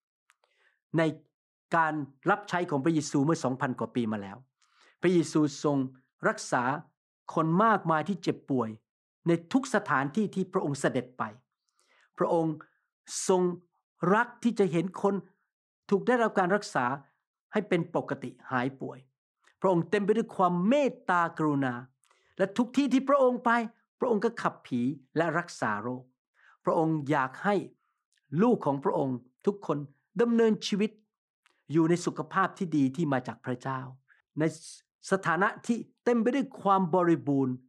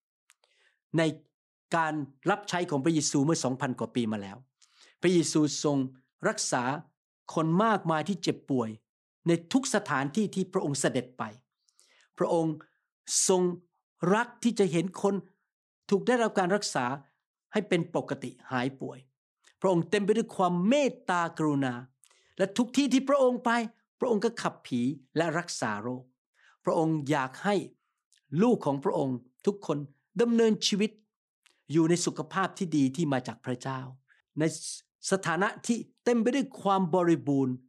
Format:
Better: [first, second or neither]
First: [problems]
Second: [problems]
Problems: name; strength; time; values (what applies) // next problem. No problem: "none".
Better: second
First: muffled; slightly; fading above 2.5 kHz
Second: none